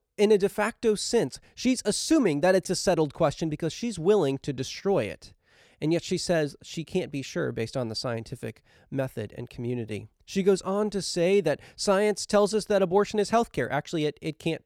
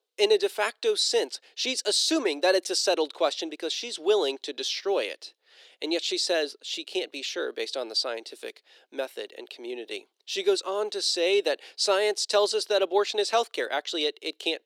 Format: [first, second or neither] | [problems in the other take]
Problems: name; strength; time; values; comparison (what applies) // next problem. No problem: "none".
first | thin; very; fading below 350 Hz